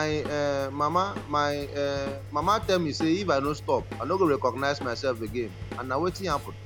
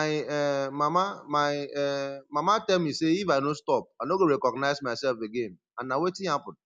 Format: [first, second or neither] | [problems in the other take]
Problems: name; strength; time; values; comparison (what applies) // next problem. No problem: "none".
second | background sound (Engine + Drum kit); 11 dB below the speech